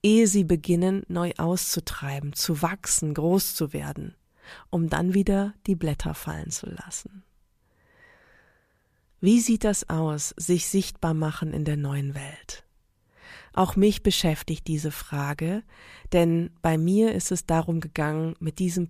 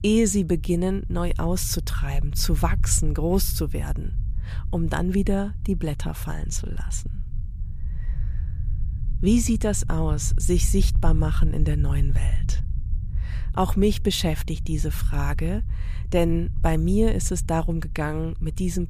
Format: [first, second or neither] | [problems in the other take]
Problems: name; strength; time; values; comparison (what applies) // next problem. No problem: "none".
first | low rumble; noticeable; throughout; 20 dB below the speech